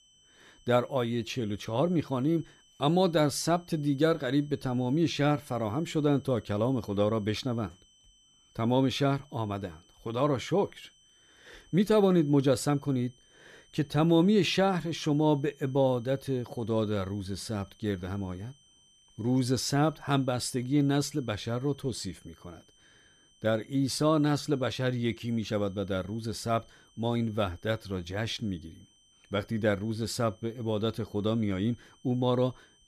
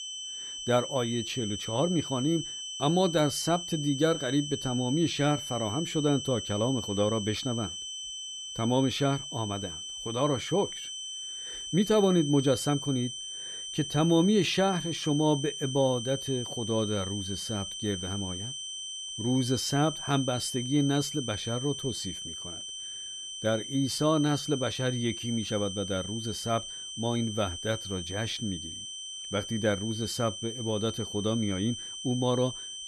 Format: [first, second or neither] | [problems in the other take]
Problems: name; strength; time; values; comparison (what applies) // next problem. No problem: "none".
first | high-pitched whine; loud; throughout; 3 kHz, 7 dB below the speech; faint in the first